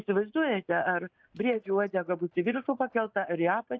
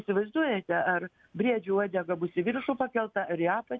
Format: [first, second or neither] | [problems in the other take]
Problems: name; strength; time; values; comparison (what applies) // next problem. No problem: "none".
second | noise reduction (neural mask model DeepFilterNet 3)